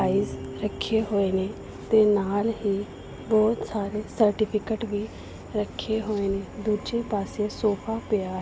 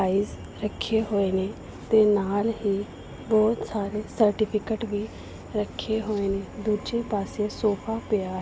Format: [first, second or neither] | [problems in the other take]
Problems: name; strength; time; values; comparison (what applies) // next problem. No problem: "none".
second | background sound (Electric guitar / Bass guitar); 18 dB below the speech